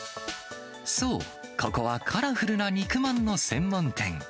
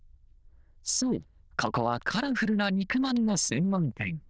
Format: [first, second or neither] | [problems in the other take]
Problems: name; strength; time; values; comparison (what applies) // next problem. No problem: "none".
first | noise reduction (neural diffusion model UNIVERSE++)